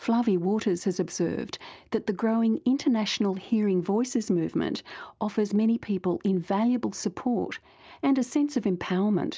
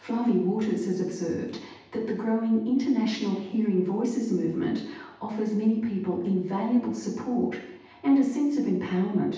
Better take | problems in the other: first | room echo; dies away in 0.9 s

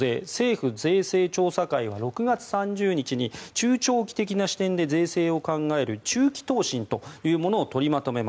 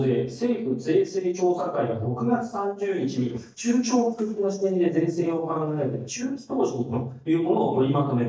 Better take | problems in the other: first | noise reduction (neural mask model DeepFilterNet 3)

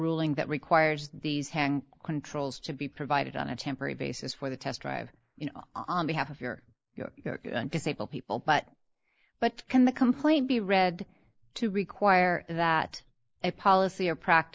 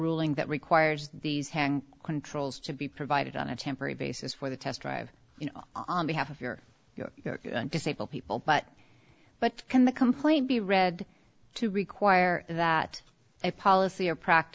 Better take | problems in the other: second | noise reduction (neural mask model Resemble Enhance denoiser)

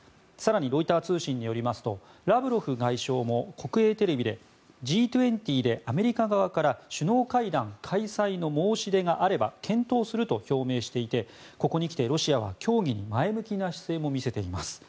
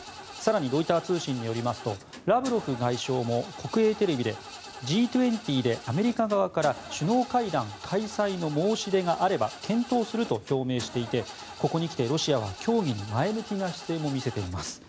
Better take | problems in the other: first | background sound (Engine starting / Car); 15 dB below the speech

